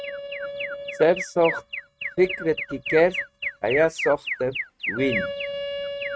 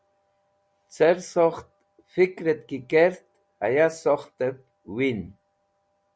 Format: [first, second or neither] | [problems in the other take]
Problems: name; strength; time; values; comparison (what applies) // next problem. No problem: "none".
second | noise reduction (neural mask model RNNoise)